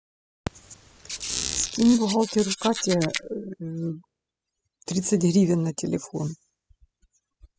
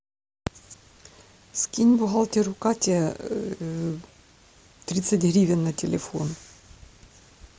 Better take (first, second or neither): second